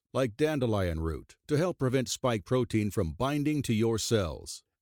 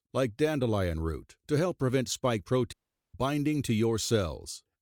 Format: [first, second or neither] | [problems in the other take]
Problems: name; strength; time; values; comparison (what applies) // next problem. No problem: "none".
first | audio cutting out; at 2.5 s